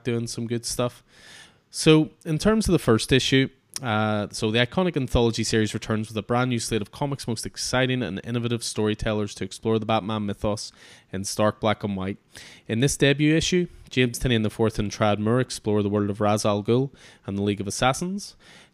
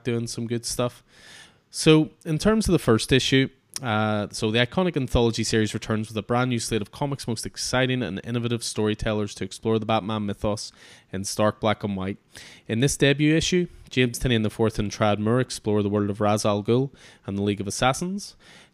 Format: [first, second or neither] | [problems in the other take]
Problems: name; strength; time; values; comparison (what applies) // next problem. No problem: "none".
neither | none